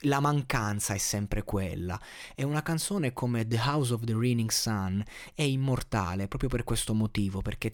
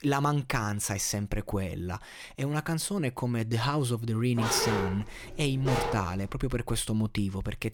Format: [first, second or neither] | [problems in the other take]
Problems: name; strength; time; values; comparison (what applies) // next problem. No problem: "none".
first | dog barking; loud; from 4.5 to 6.5 s; peak 1 dB above the speech